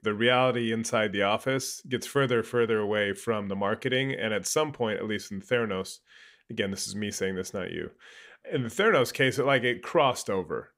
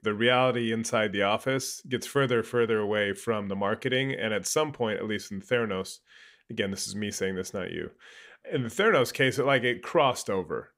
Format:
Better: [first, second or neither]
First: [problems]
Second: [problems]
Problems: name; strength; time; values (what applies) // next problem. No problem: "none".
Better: neither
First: none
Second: none